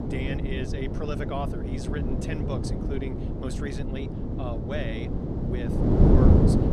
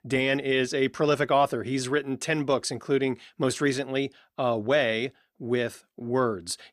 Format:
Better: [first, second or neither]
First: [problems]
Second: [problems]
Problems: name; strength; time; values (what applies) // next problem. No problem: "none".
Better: second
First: wind noise on the microphone; heavy; 4 dB above the speech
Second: none